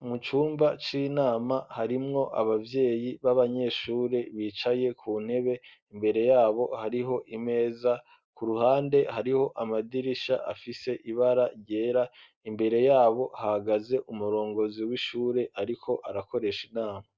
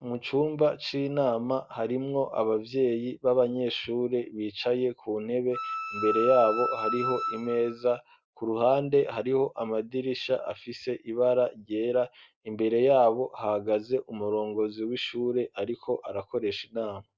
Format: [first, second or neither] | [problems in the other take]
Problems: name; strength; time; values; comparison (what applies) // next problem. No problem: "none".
first | background sound (Wind instrument, woodwind instrument); 4 dB below the speech